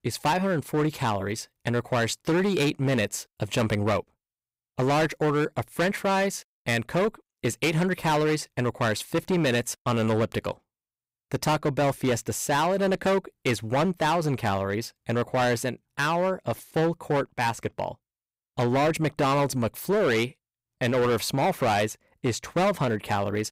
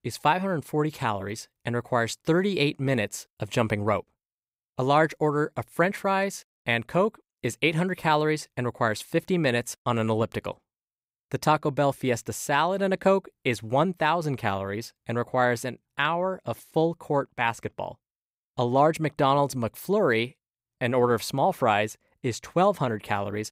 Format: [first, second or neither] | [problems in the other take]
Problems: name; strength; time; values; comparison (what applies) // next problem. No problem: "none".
second | distortion; heavy; 12% of the sound clipped